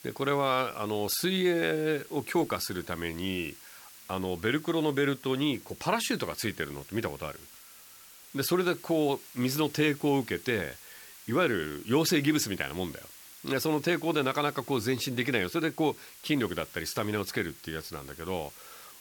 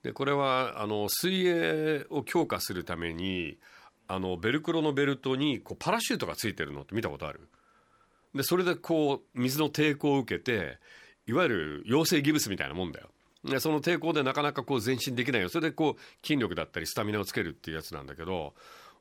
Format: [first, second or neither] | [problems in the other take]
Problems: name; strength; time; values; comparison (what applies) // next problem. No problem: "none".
second | hiss; noticeable; throughout; 20 dB below the speech